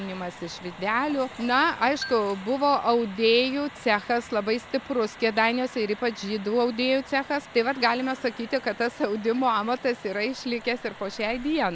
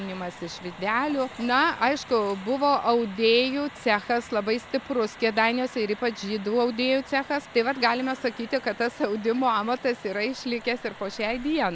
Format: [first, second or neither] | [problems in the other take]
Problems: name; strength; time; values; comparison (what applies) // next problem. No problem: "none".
second | background sound (Marimba, xylophone); 17 dB below the speech